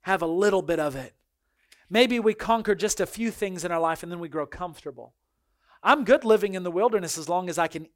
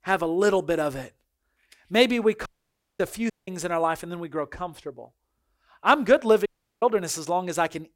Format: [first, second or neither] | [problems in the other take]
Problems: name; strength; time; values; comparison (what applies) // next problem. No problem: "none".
first | audio cutting out; at 2.5 s for 0.5 s, at 3.5 s and at 6.5 s